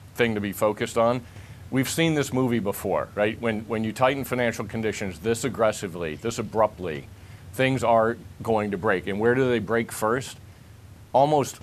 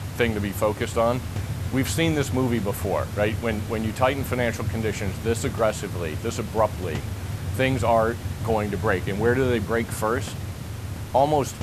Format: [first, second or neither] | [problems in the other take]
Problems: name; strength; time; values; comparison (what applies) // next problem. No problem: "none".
first | hiss; loud; throughout; 7 dB below the speech; faint in the first